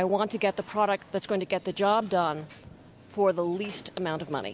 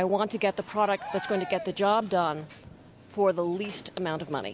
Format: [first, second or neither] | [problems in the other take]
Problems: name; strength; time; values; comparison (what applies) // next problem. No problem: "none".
first | background sound (Cheering); 14 dB below the speech